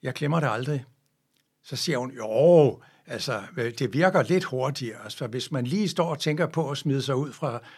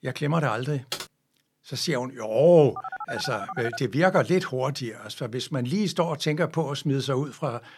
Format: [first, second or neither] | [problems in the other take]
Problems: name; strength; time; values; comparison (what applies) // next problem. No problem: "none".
first | keyboard typing; noticeable; at 1 s; peak 9 dB below the speech // phone ringing; noticeable; from 3 to 4 s; peak 9 dB below the speech